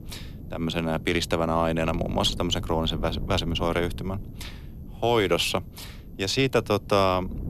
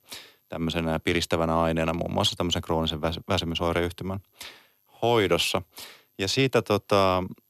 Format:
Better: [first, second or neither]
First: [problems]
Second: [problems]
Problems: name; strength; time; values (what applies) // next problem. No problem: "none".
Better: second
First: wind noise on the microphone; occasional gusts; 25 dB below the speech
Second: none